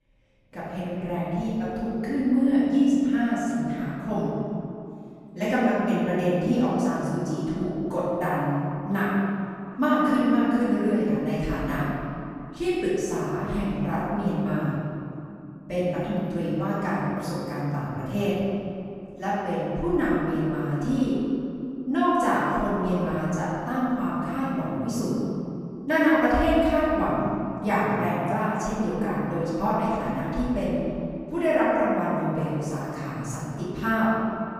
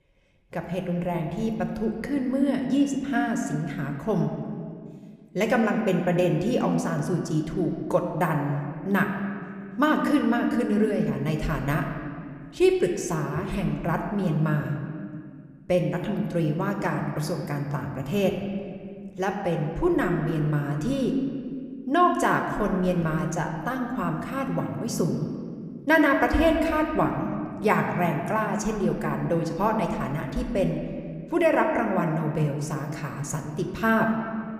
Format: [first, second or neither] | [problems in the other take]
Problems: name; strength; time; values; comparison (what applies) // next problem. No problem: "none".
second | room echo; strong; dies away in 2.4 s; slight in the second // off-mic speech; far